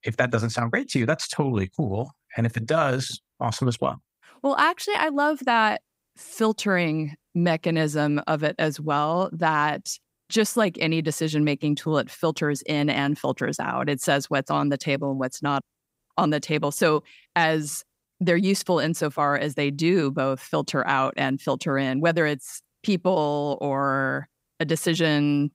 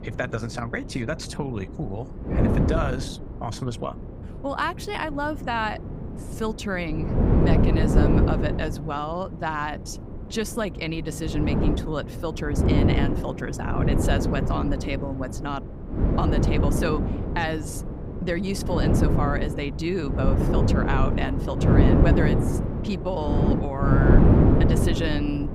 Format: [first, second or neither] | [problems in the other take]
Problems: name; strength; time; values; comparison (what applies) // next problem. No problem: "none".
first | wind noise on the microphone; heavy; as loud as the speech